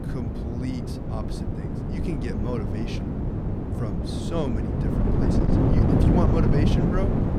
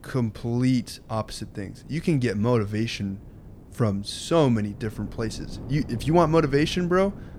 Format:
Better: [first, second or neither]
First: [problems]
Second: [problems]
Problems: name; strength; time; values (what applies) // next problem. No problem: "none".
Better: second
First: wind noise on the microphone; heavy; 4 dB above the speech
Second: wind noise on the microphone; occasional gusts; 20 dB below the speech